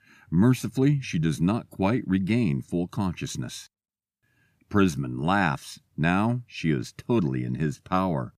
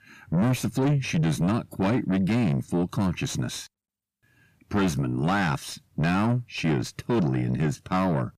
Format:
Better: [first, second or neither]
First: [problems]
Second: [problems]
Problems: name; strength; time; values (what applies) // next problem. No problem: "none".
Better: first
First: none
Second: distortion; heavy; 7 dB below the speech